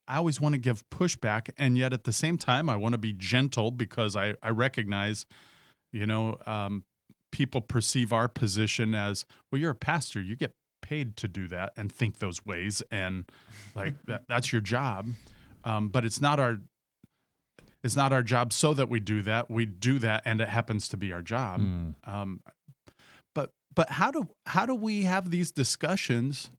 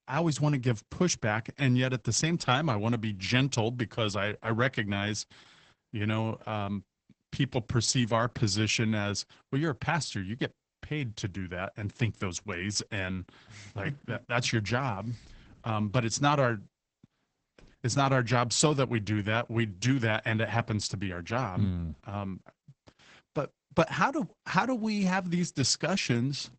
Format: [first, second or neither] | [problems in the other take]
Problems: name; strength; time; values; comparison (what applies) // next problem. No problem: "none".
first | garbled, watery; badly; nothing above 8 kHz; slightly in the first